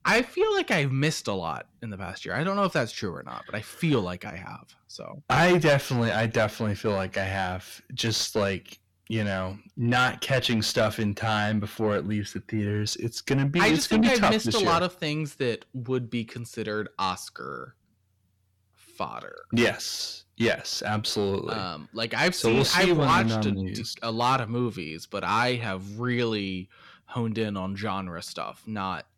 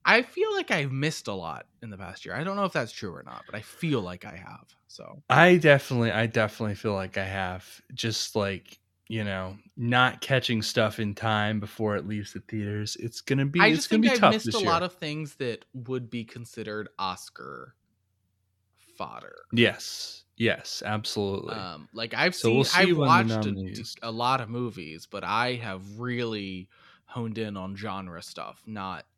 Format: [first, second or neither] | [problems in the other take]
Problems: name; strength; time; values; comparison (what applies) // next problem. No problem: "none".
second | distortion; heavy; 6 dB below the speech